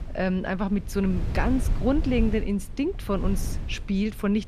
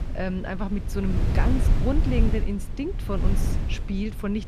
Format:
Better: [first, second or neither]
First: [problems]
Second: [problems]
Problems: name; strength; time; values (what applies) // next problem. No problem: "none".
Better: first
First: wind noise on the microphone; occasional gusts; 15 dB below the speech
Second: wind noise on the microphone; heavy; 6 dB below the speech